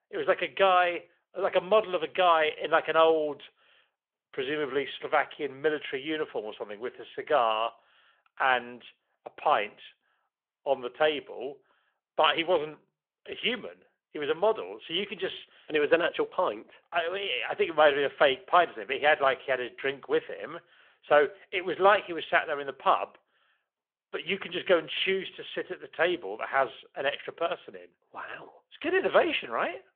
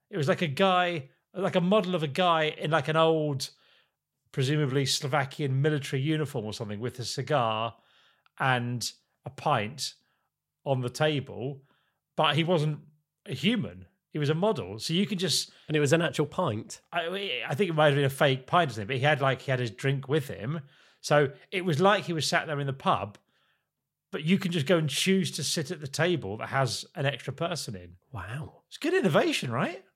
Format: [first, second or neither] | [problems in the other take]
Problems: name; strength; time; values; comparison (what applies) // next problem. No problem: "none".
second | phone-call audio; nothing above 3.5 kHz